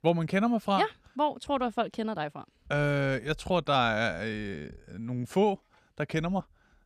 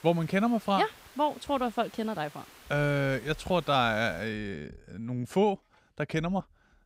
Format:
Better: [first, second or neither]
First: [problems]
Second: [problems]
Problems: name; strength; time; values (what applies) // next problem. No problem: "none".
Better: first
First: none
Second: hiss; faint; until 4.5 s; 20 dB below the speech